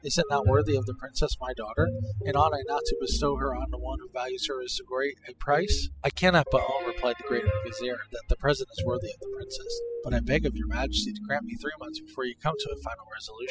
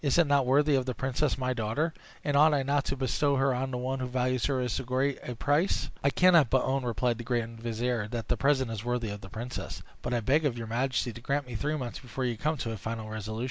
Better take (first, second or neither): second